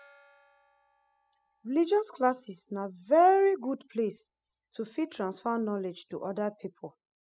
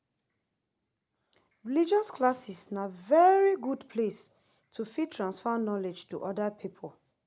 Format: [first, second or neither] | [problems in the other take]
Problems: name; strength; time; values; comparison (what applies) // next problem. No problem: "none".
second | noise reduction (classical method spectral subtraction)